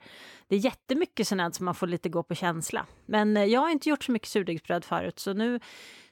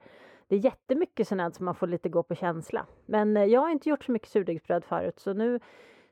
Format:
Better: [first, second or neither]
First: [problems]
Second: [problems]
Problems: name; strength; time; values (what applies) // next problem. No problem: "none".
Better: first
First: none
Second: muffled; very; fading above 2.5 kHz